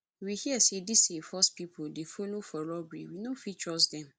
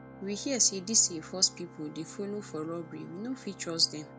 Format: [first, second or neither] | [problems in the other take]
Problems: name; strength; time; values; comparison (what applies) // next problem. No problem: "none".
first | background sound (Organ); 16 dB below the speech